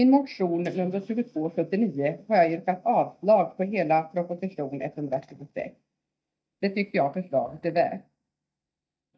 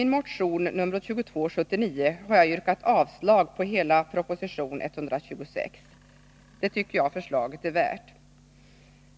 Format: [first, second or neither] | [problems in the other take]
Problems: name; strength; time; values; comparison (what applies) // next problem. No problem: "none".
second | noise reduction (neural mask model DeepFilterNet 3)